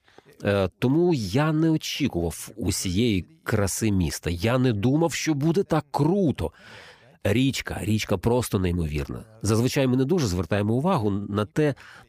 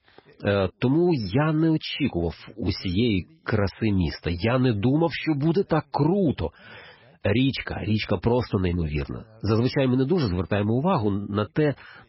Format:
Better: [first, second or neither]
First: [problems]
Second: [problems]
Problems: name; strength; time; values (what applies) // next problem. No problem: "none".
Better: first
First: none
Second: garbled, watery; badly; nothing above 5.5 kHz